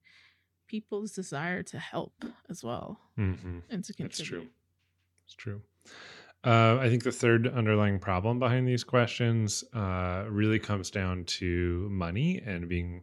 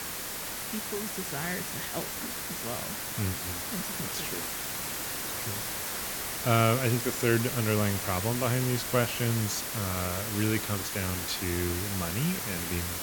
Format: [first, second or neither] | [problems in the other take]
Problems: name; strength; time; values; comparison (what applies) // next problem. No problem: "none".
first | hiss; loud; throughout; 1 dB below the speech